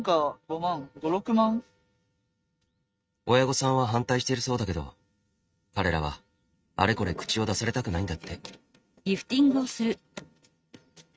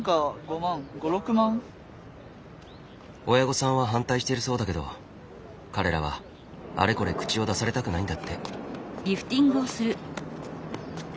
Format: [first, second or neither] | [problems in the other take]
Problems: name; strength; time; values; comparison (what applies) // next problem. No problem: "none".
second | noise reduction (neural mask model RNNoise)